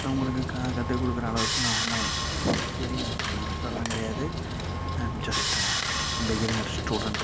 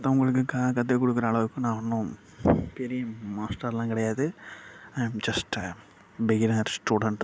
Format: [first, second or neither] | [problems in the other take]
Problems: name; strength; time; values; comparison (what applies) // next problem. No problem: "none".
second | background sound (Sawing); 3 dB above the speech